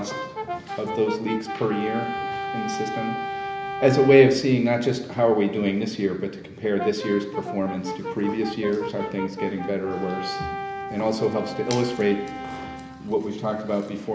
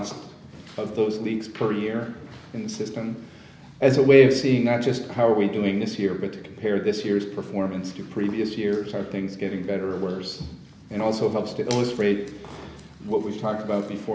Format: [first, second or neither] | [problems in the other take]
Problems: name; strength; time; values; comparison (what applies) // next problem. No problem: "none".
second | background sound (Brass instrument); 9 dB below the speech